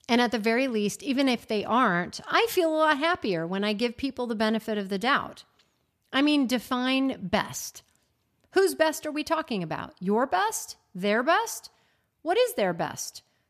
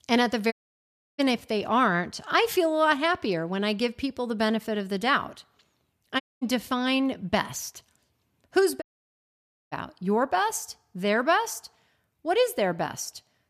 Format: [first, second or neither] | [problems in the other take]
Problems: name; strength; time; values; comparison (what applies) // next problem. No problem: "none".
first | audio cutting out; at 0.5 s for 0.5 s, at 6 s and at 9 s for 1 s